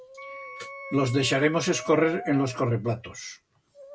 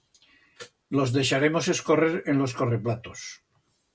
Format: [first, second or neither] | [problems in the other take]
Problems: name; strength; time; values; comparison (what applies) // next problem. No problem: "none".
second | background sound (Wind instrument, woodwind instrument + Brass instrument); 15 dB below the speech